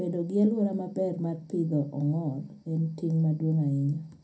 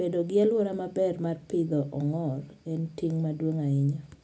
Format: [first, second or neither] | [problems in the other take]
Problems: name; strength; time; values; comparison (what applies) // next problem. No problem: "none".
second | room echo; dies away in 0.2 s